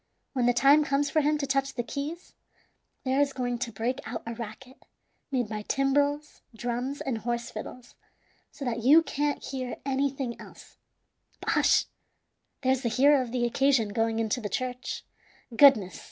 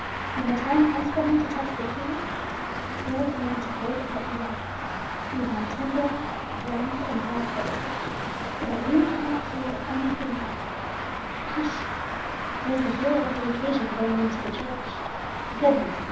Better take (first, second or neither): first